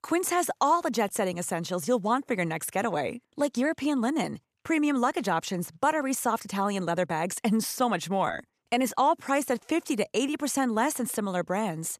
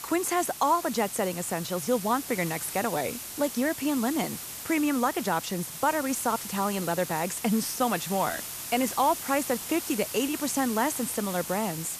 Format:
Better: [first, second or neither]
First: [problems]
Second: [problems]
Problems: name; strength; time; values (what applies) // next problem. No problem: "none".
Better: first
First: none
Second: hiss; loud; throughout; 7 dB below the speech